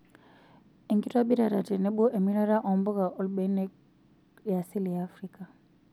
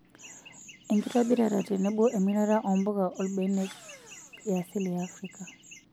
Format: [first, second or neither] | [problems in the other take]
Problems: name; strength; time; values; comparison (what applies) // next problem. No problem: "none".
first | background sound (Engine / Drill + Chirp, tweet); 20 dB below the speech